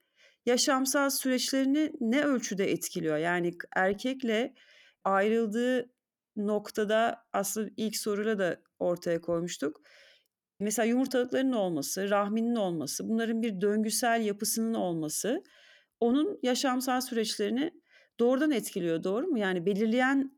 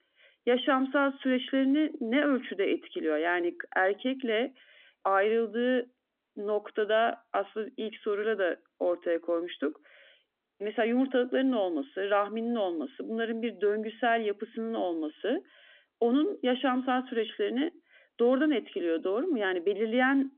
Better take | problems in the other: first | phone-call audio; nothing above 3.5 kHz

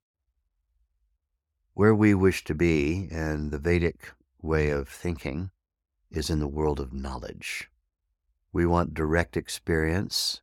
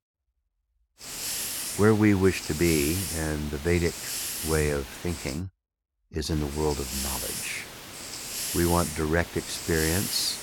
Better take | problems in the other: first | hiss; loud; from 1 to 5.5 s and from 6.5 s on; 5 dB below the speech

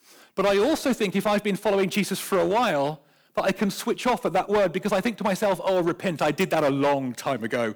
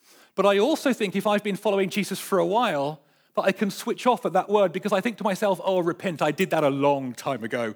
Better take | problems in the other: second | distortion; slight; 9% of the sound clipped

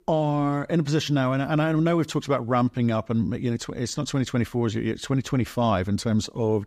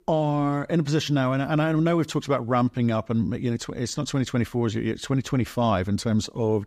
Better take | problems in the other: neither | none

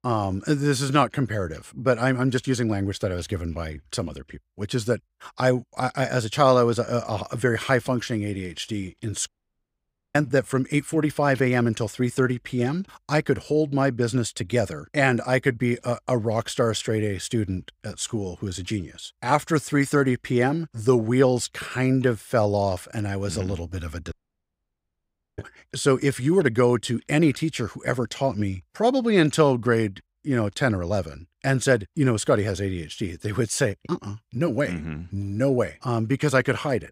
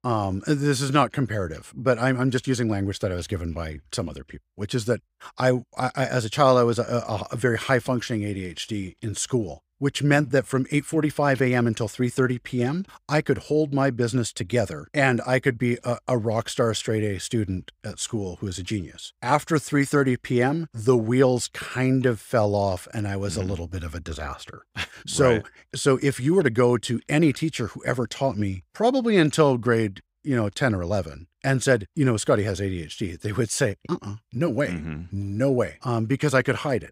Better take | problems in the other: second | audio cutting out; at 9.5 s for 1 s and at 24 s for 1.5 s

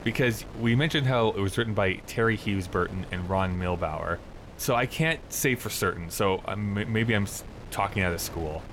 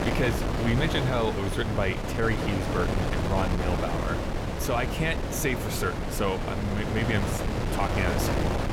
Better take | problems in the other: first | wind noise on the microphone; heavy; 1 dB below the speech; occasional gusts in the first

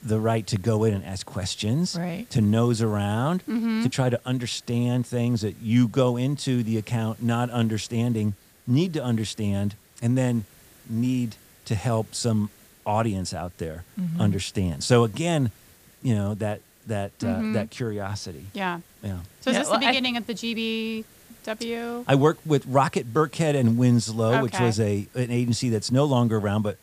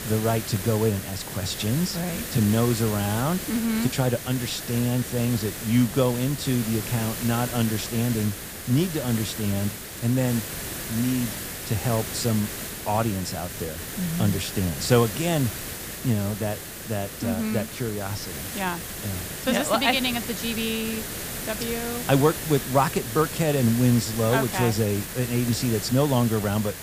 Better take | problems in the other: first | hiss; loud; throughout; 7 dB below the speech; faint in the first

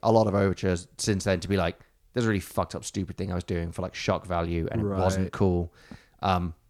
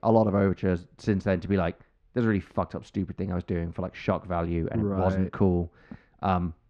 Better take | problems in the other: first | muffled; very; fading above 2.5 kHz

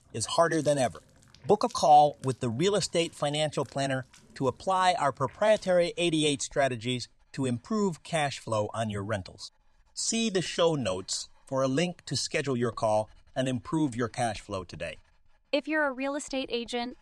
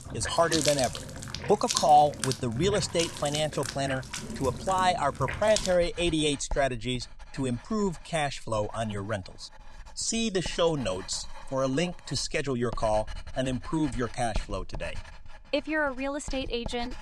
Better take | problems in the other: first | household noises; loud; throughout; 8 dB below the speech; faint in the first

